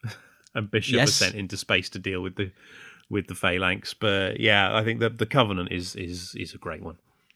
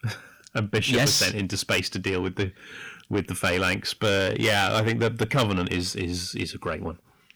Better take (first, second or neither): first